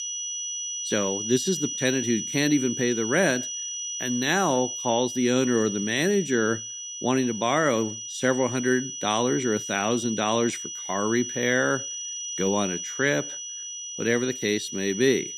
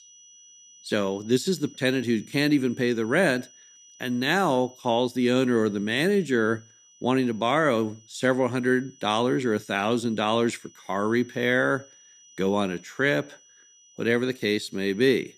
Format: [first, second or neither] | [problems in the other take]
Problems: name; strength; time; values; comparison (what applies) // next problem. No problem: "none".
second | high-pitched whine; loud; throughout; 6 kHz, 6 dB below the speech; faint in the second